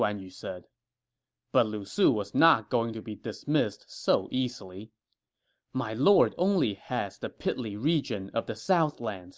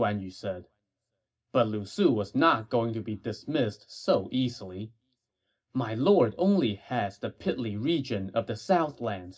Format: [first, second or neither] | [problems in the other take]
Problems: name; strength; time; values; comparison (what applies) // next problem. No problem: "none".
first | room echo; dies away in 0.4 s